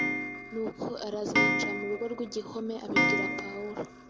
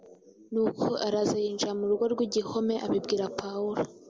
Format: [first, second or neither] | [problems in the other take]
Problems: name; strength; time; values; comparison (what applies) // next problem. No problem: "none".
second | background sound (Clock); 4 dB above the speech